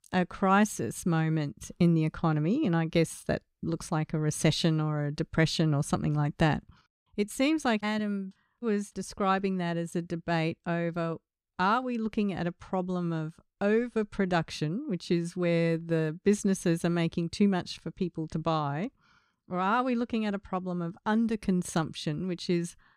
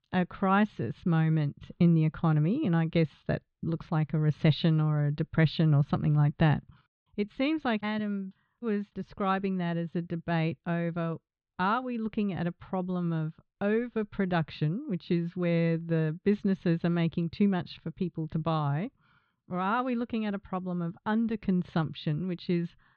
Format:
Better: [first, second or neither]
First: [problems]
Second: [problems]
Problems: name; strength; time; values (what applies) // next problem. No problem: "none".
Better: first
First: none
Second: muffled; slightly; fading above 4 kHz